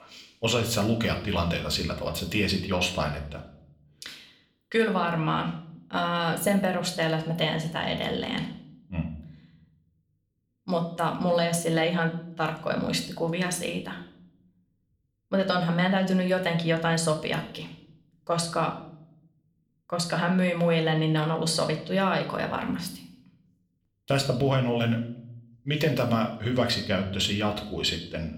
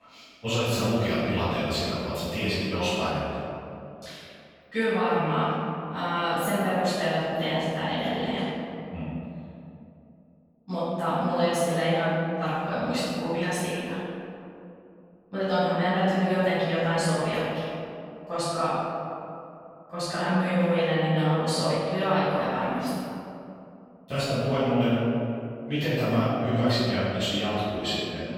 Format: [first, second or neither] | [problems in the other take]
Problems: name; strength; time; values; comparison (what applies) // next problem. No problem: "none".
first | room echo; strong; dies away in 2.5 s; slight in the first // off-mic speech; far